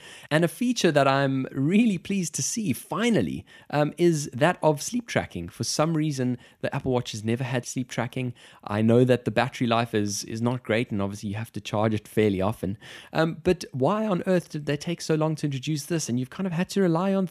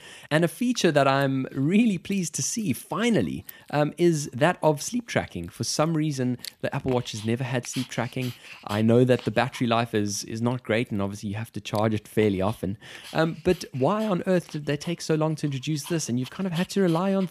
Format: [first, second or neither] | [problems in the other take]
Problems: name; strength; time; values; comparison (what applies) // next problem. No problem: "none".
first | animal sounds; noticeable; throughout; 20 dB below the speech